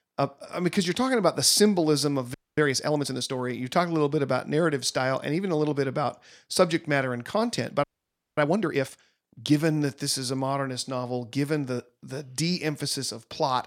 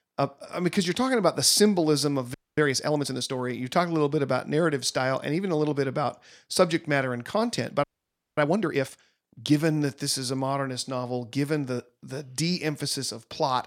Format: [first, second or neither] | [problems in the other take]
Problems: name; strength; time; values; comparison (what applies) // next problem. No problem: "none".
neither | audio freezing; at 2.5 s and at 8 s for 0.5 s; the same in both